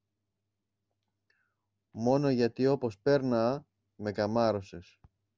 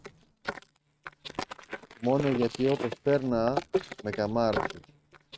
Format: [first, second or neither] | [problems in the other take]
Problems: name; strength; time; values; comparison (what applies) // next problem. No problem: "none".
first | noise reduction (neural mask model RNNoise)